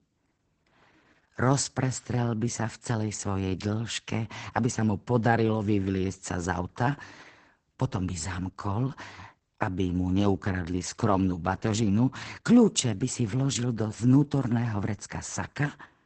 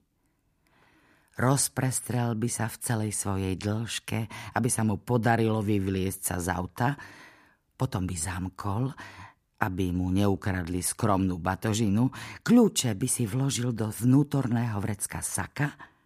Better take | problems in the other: second | garbled, watery; badly; nothing above 8 kHz

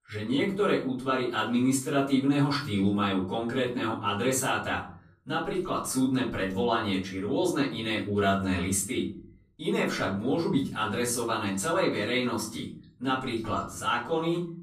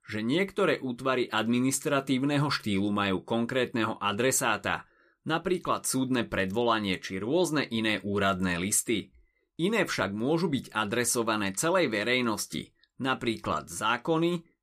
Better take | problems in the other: second | off-mic speech; far // room echo; slight; dies away in 0.5 s

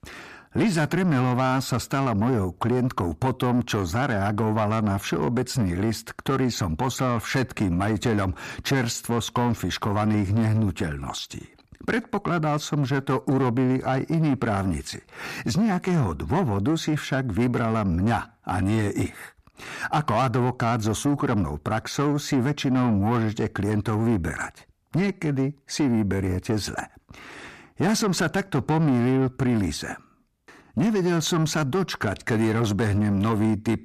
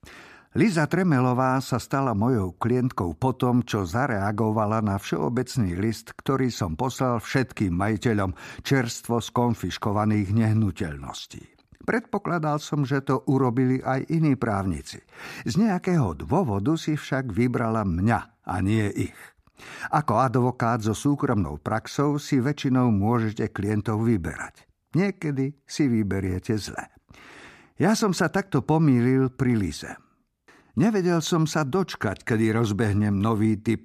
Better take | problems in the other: second | distortion; slight; 10 dB below the speech

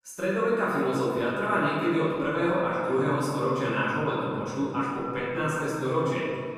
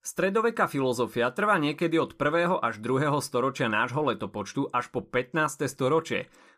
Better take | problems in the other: second | room echo; strong; dies away in 1.9 s // off-mic speech; far

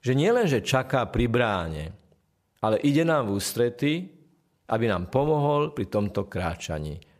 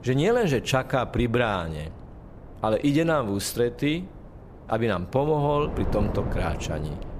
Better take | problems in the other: first | wind noise on the microphone; occasional gusts; 15 dB below the speech

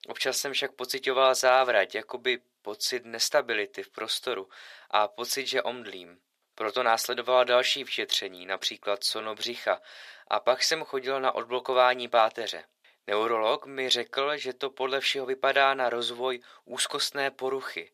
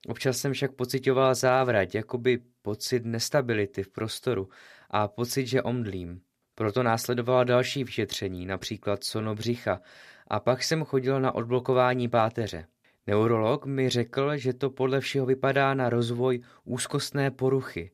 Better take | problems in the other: second | thin; very; fading below 650 Hz

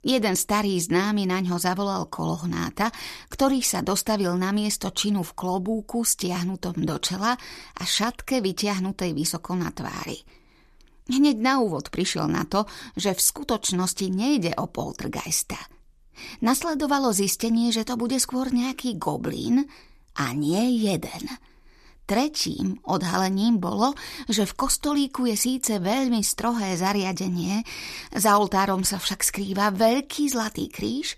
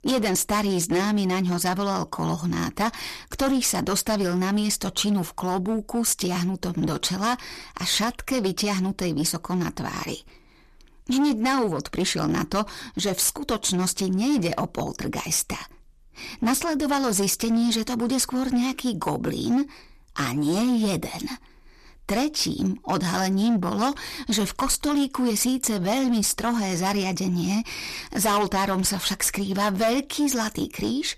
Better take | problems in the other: first | distortion; slight; 10% of the sound clipped

